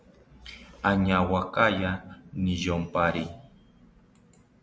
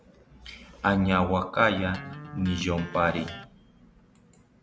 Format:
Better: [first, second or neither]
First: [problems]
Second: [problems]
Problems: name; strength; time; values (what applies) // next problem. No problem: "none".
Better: first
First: none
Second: background sound (Electric guitar); 17 dB below the speech